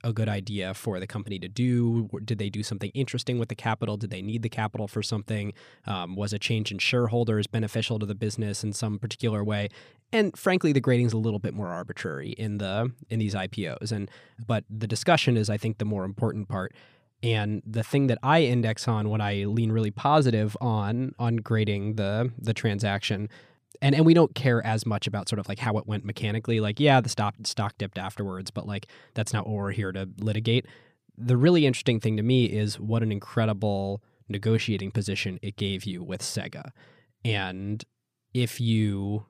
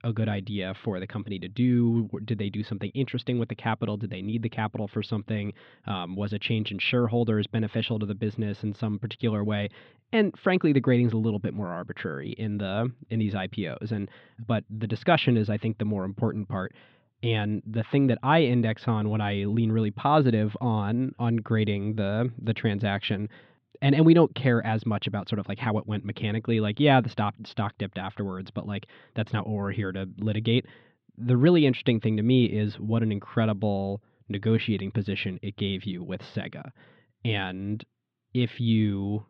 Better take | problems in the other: first | muffled; slightly; fading above 3.5 kHz

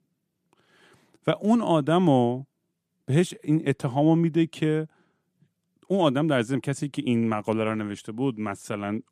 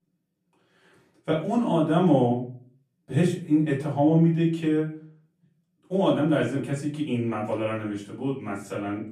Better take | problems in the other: first | off-mic speech; far // room echo; slight; dies away in 0.4 s

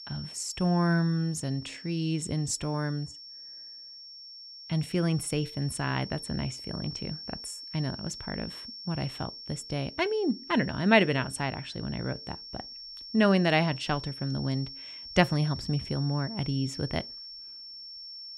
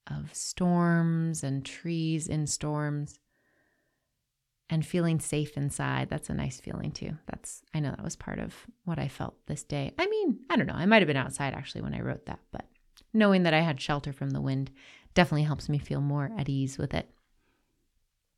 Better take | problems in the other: second | high-pitched whine; noticeable; throughout; 5.5 kHz, 10 dB below the speech

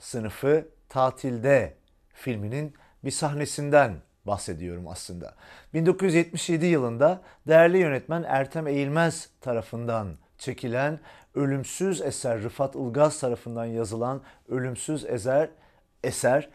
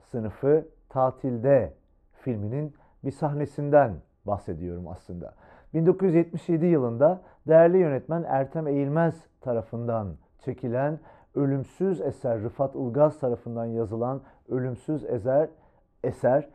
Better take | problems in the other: first | muffled; very; fading above 2 kHz

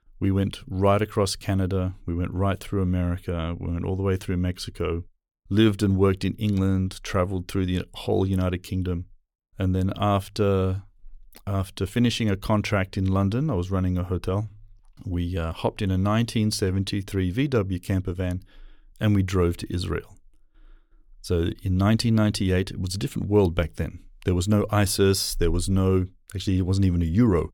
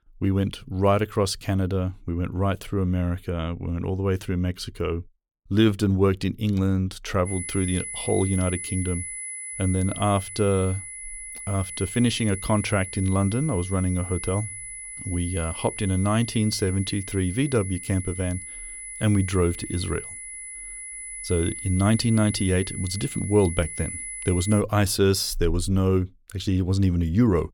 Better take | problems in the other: first | high-pitched whine; loud; from 7.5 to 25 s; 10 kHz, 9 dB below the speech

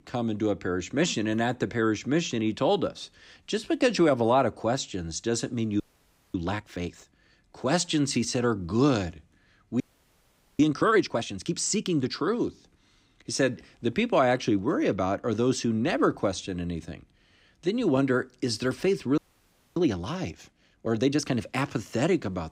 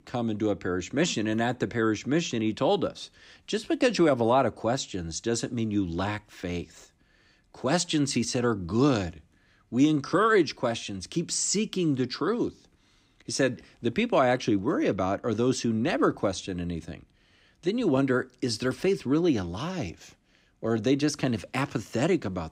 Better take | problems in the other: second | audio freezing; at 6 s for 0.5 s, at 10 s for 1 s and at 19 s for 0.5 s

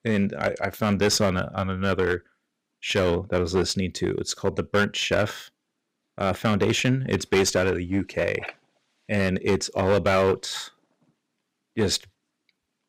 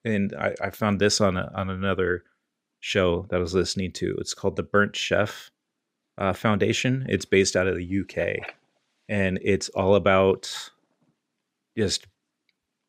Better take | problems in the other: second | distortion; slight; 5% of the sound clipped

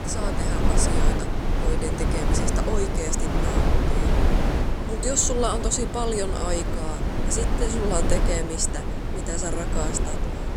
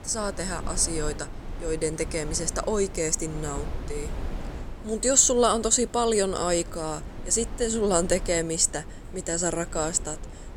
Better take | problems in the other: second | wind noise on the microphone; heavy; 2 dB below the speech; occasional gusts in the second

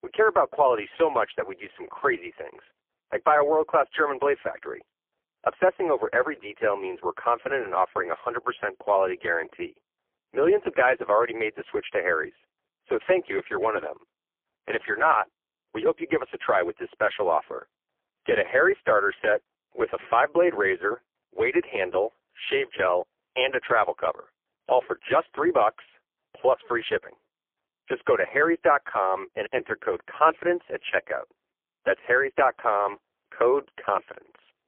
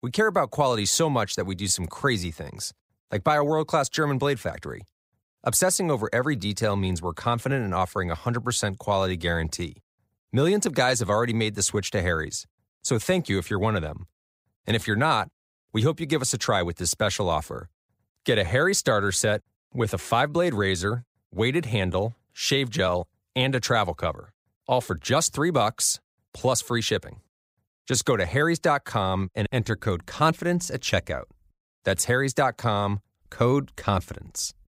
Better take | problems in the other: second | phone-call audio; poor line; nothing above 3.5 kHz

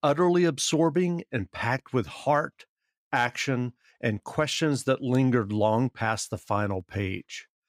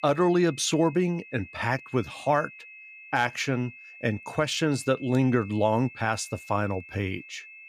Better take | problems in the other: first | high-pitched whine; noticeable; throughout; 2.5 kHz, 20 dB below the speech

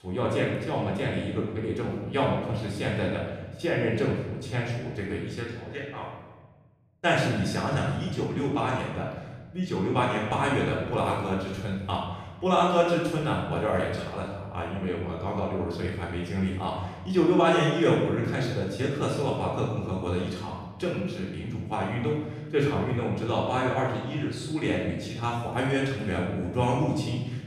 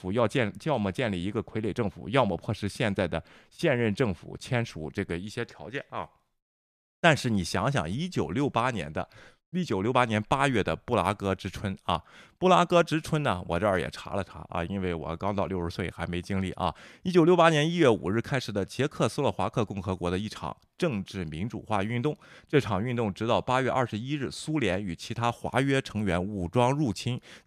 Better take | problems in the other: second | off-mic speech; far // room echo; noticeable; dies away in 1.2 s

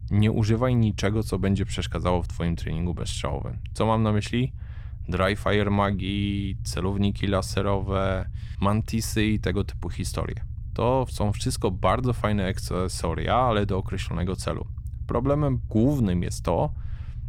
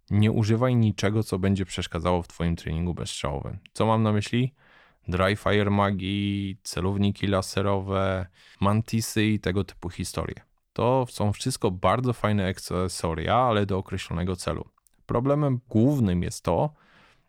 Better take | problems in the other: second | low rumble; faint; throughout; 20 dB below the speech

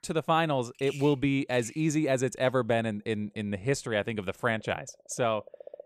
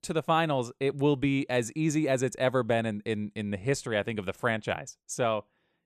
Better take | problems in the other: second | animal sounds; faint; throughout; 20 dB below the speech

